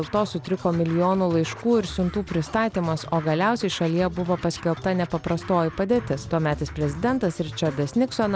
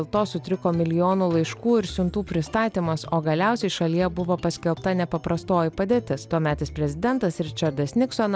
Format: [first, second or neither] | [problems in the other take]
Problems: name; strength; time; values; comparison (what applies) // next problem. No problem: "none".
second | background sound (Scratching (performance technique)); 18 dB below the speech